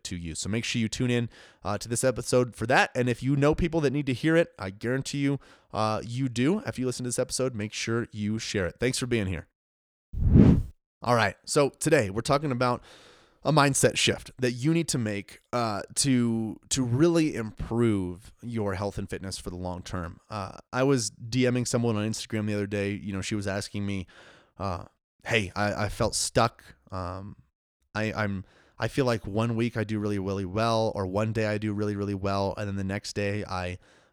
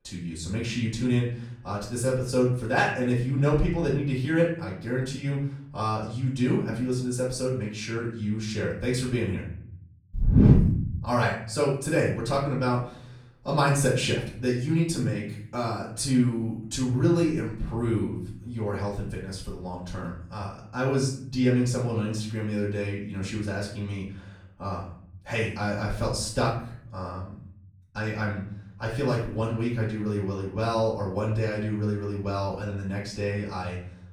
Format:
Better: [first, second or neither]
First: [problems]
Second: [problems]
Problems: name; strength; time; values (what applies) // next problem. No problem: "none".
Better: first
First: none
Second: off-mic speech; far // room echo; noticeable; dies away in 0.7 s